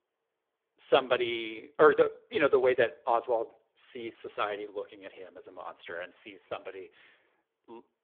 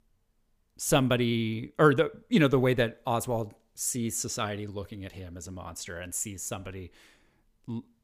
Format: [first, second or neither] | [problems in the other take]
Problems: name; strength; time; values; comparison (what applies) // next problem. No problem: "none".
second | phone-call audio; poor line; nothing above 3.5 kHz